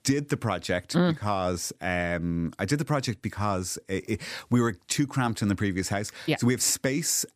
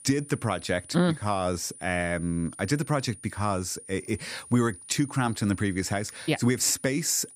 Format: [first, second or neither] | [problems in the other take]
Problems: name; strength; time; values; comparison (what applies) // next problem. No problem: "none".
first | high-pitched whine; noticeable; throughout; 9.5 kHz, 15 dB below the speech